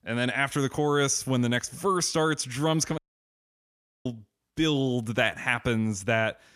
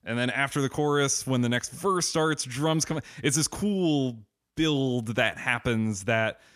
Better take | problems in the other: second | audio cutting out; at 3 s for 1 s

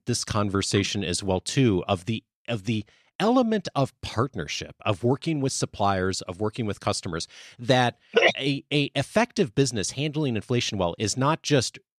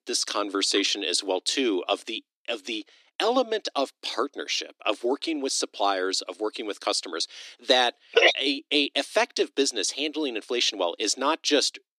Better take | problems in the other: first | thin; somewhat; fading below 300 Hz

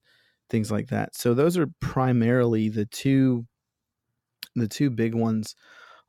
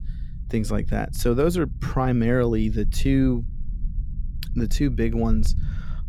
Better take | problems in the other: first | low rumble; faint; throughout; 20 dB below the speech

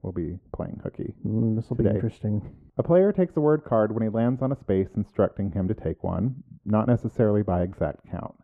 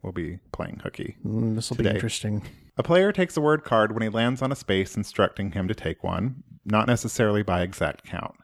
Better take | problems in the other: second | muffled; very; fading above 2 kHz

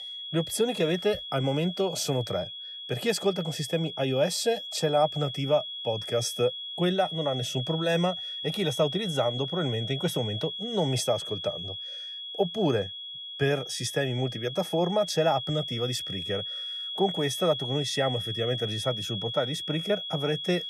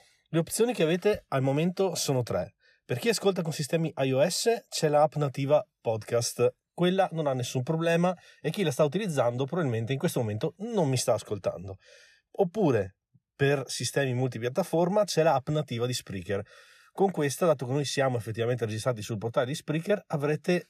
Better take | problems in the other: second | high-pitched whine; loud; throughout; 3.5 kHz, 5 dB below the speech

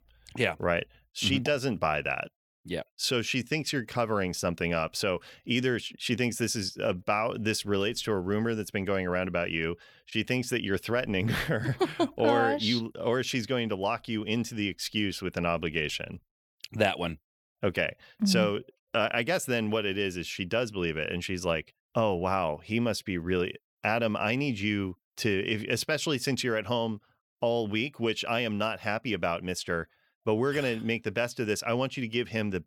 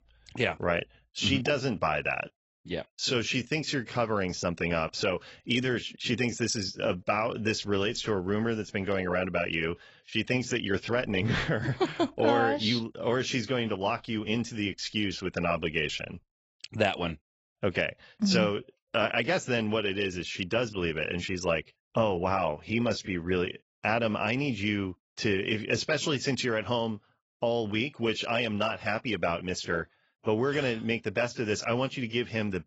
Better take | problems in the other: first | garbled, watery; badly; nothing above 7.5 kHz

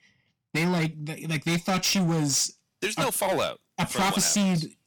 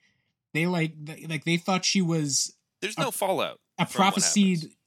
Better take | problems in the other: second | distortion; heavy; 18% of the sound clipped

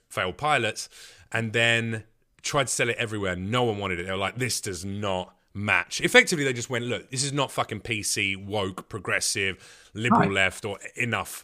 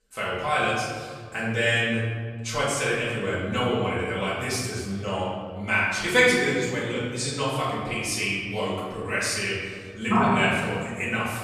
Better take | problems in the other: first | off-mic speech; far // room echo; noticeable; dies away in 1.7 s

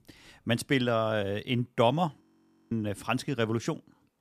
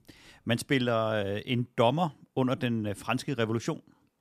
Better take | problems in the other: second | audio freezing; at 2 s for 0.5 s

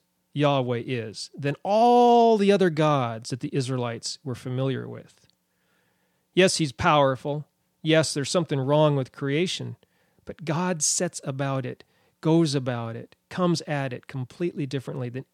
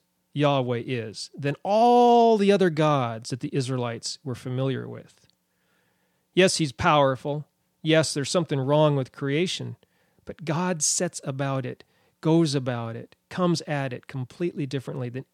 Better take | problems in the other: neither | none

